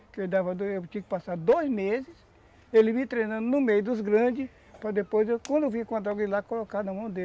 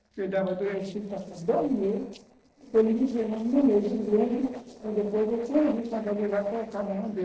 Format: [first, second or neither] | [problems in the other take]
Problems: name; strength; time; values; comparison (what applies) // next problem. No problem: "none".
first | noise reduction (neural separator model SepFormer DNS4)